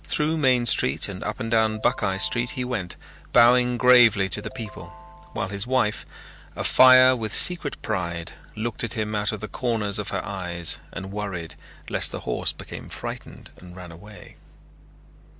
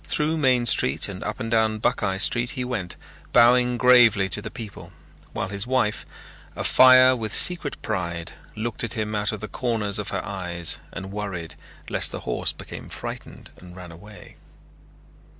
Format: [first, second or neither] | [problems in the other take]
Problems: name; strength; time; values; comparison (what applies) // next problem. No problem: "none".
second | background sound (Ringtone); 20 dB below the speech